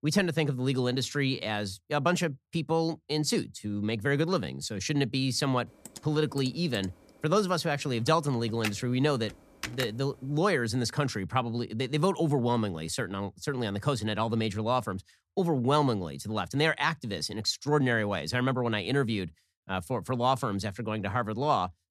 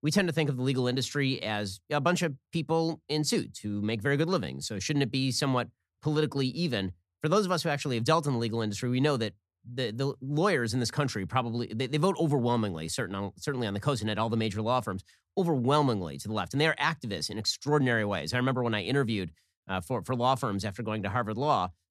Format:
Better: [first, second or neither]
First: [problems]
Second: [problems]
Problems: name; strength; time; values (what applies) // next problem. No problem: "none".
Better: second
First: keyboard typing; noticeable; from 6 to 10 s; peak 7 dB below the speech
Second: none